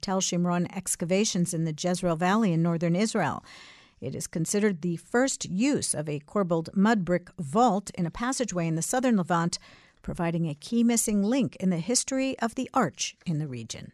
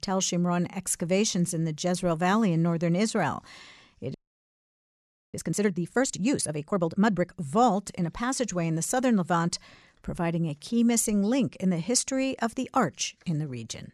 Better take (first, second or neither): first